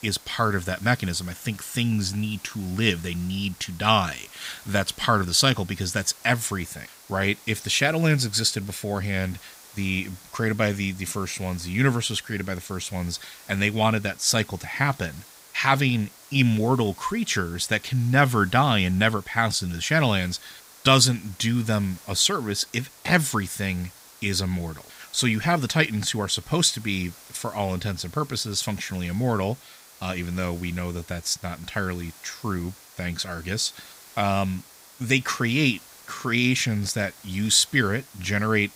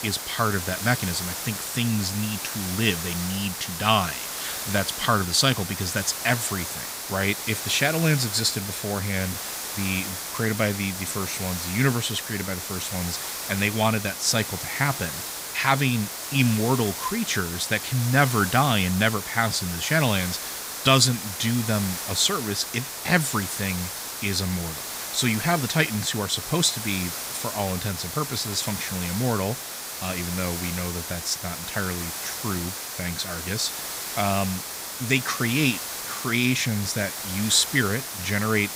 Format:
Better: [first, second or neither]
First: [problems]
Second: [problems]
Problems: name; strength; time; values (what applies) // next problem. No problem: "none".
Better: first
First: hiss; faint; throughout; 20 dB below the speech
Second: hiss; loud; throughout; 5 dB below the speech